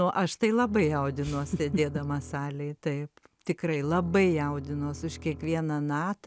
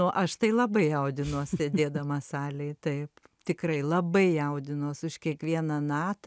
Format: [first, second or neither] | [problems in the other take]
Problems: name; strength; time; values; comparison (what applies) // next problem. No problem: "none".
second | background sound (Bowed string instrument); 17 dB below the speech